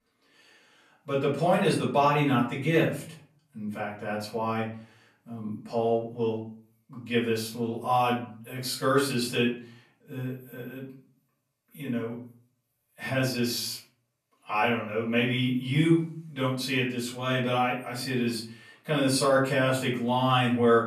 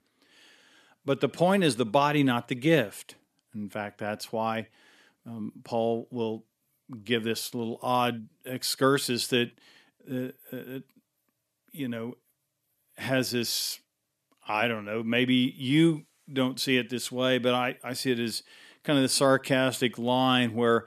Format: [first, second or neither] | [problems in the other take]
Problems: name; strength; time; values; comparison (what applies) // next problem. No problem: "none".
second | off-mic speech; far // room echo; slight; dies away in 0.4 s